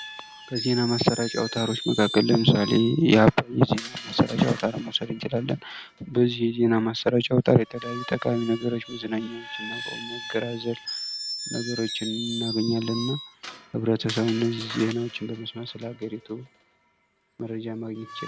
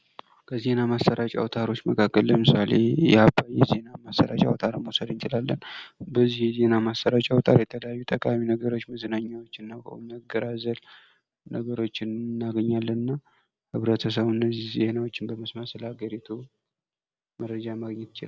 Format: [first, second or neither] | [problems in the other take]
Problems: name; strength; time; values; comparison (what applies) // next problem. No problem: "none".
second | background sound (Screech); 13 dB below the speech